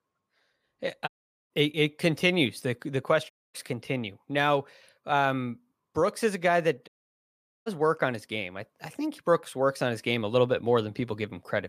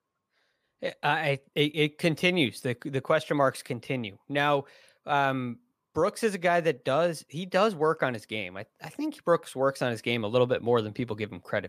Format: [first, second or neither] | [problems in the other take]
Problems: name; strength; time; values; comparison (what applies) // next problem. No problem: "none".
second | audio cutting out; at 1 s, at 3.5 s and at 7 s for 1 s